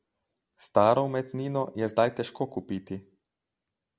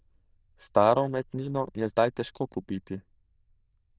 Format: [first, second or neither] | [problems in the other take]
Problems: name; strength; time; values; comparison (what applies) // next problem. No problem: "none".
first | noise reduction (neural diffusion model UNIVERSE++)